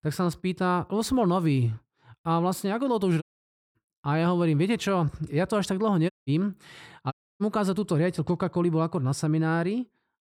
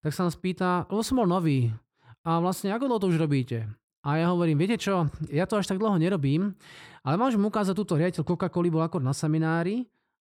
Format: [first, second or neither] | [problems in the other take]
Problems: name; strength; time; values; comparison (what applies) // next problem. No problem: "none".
second | audio cutting out; at 3 s for 0.5 s, at 6 s and at 7 s